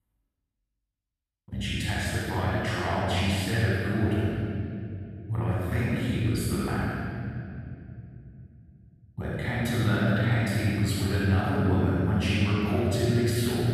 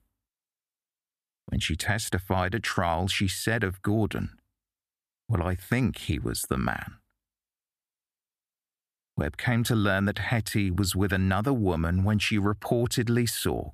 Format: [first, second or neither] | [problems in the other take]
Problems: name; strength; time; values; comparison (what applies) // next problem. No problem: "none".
second | off-mic speech; far // room echo; strong; dies away in 3 s